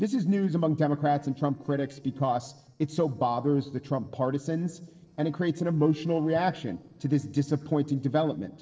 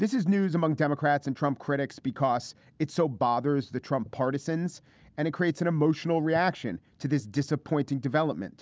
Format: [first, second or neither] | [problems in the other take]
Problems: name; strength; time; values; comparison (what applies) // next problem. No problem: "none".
second | noise reduction (neural separator model SepFormer DNS4)